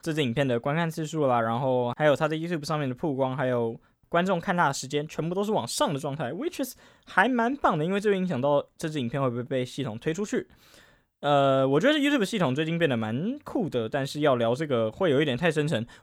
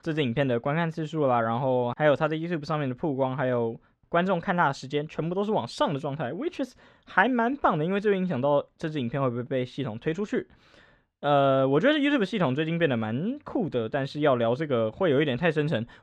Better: first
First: none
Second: muffled; slightly; fading above 3.5 kHz

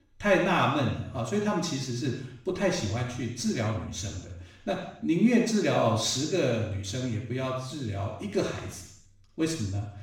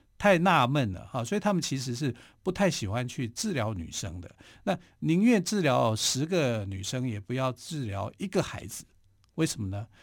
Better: second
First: room echo; noticeable; dies away in 0.7 s // off-mic speech; far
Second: none

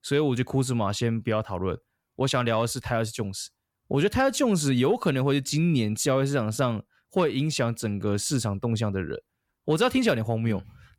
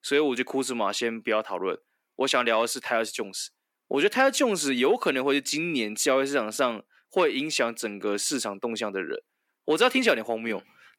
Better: first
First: none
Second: thin; somewhat; fading below 250 Hz

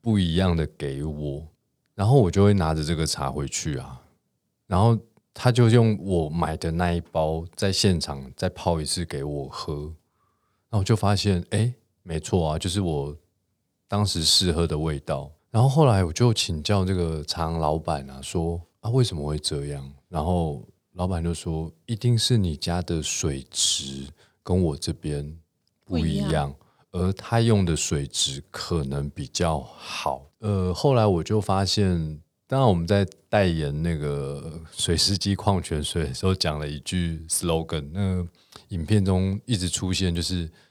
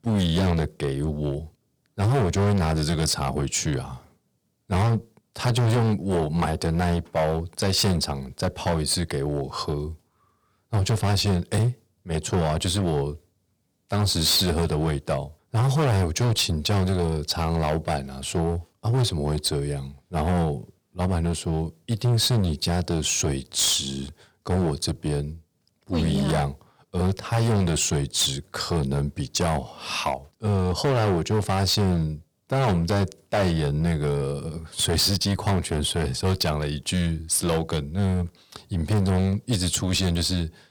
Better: first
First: none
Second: distortion; heavy; 13% of the sound clipped

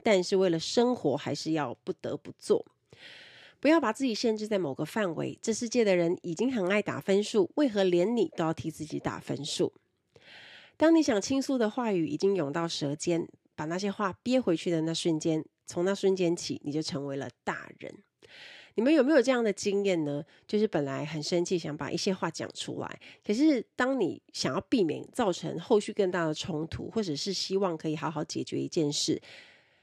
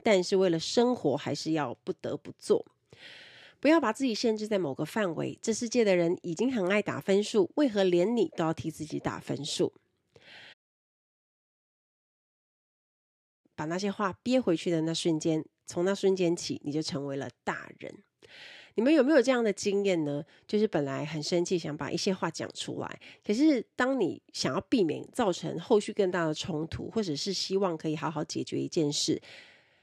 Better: first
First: none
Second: audio cutting out; at 11 s for 3 s

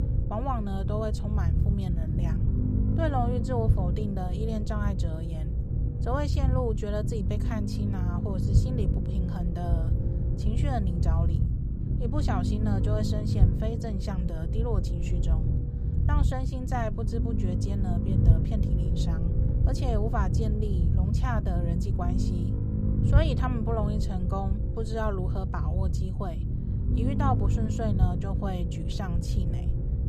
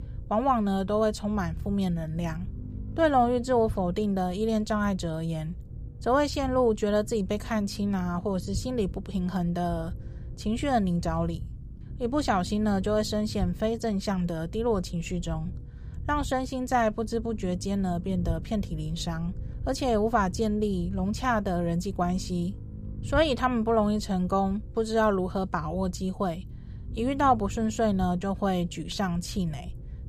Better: second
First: low rumble; loud; throughout; 4 dB below the speech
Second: low rumble; faint; throughout; 25 dB below the speech

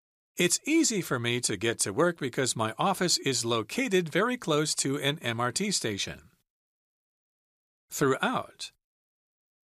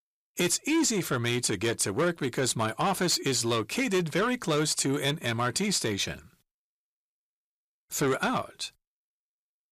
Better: first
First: none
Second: distortion; slight; 10 dB below the speech

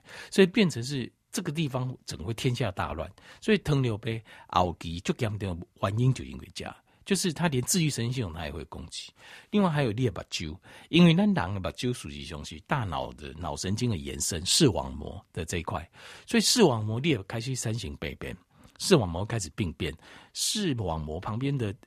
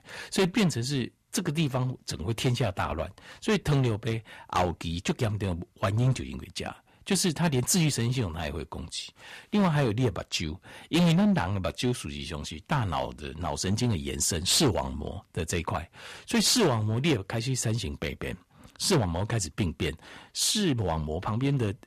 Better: first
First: none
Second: distortion; heavy; 6% of the sound clipped

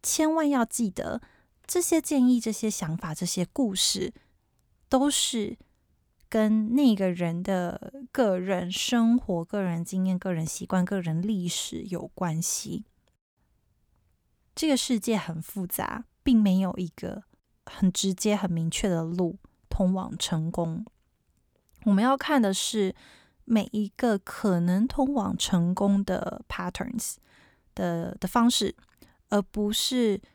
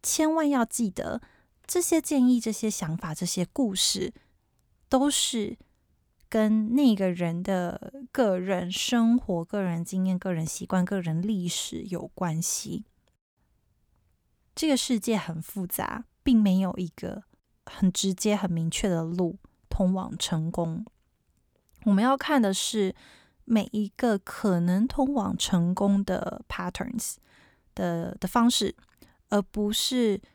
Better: neither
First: none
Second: none

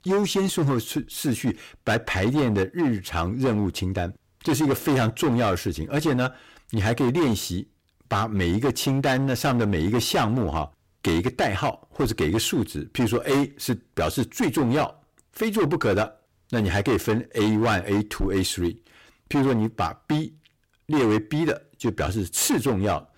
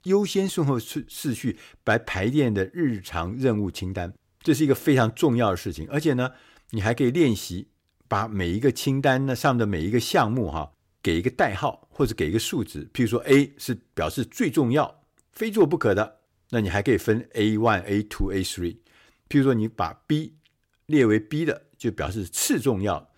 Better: second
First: distortion; heavy; 15% of the sound clipped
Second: none

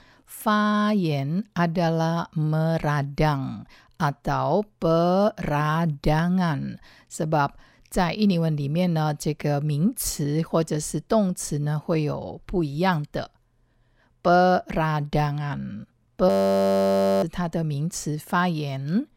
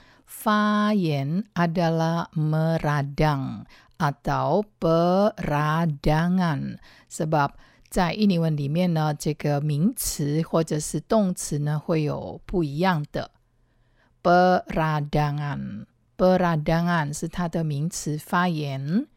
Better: second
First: audio freezing; at 16 s for 1 s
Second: none

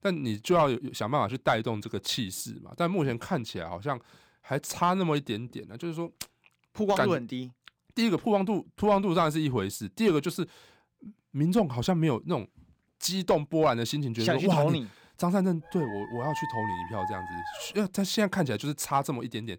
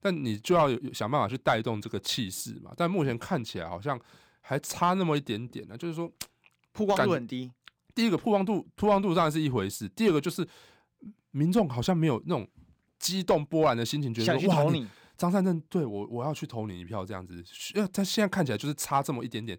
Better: second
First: dog barking; noticeable; from 16 to 18 s; peak 4 dB below the speech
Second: none

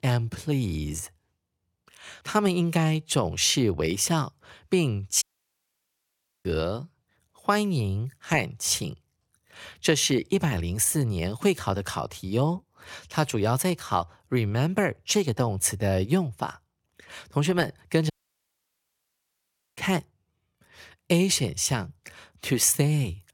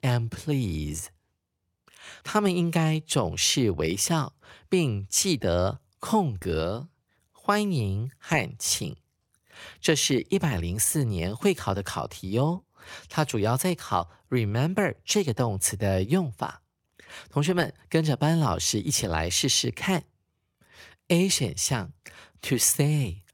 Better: second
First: audio cutting out; at 5 s for 1 s and at 18 s for 1.5 s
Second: none

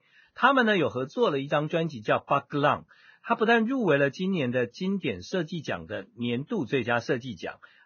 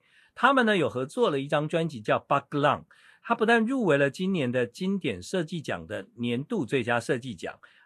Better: second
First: garbled, watery; badly; nothing above 6.5 kHz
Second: garbled, watery; slightly

